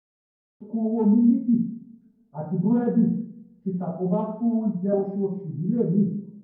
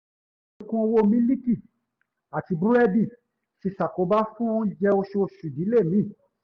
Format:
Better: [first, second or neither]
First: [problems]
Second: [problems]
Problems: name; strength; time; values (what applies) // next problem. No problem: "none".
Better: second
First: room echo; dies away in 0.9 s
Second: none